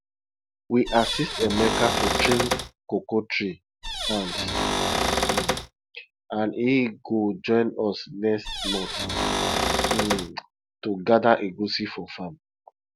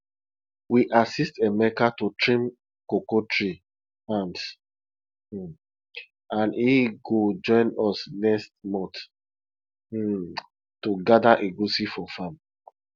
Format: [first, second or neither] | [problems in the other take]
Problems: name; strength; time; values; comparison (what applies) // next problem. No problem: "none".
second | background sound (Cupboard open or close / Door); 1 dB above the speech